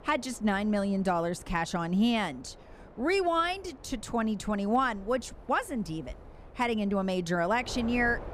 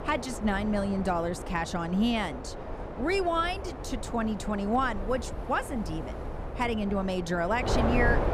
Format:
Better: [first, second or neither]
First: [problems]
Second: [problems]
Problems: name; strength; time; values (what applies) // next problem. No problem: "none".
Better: first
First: wind noise on the microphone; occasional gusts; 20 dB below the speech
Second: wind noise on the microphone; heavy; 8 dB below the speech